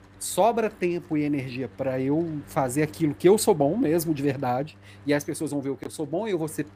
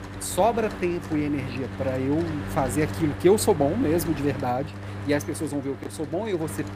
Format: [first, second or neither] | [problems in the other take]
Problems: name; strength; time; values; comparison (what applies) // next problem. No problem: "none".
first | machinery noise; loud; throughout; 9 dB below the speech; faint in the first